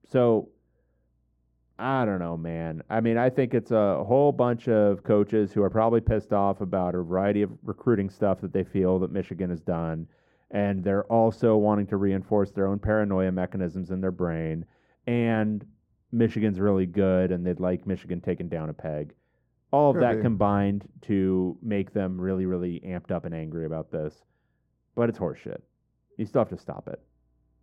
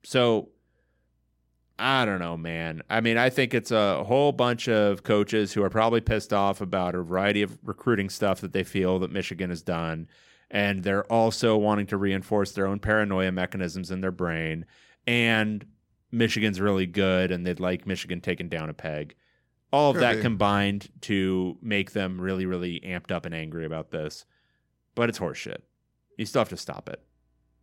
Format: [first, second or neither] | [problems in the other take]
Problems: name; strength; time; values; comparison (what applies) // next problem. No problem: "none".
second | muffled; very; fading above 2 kHz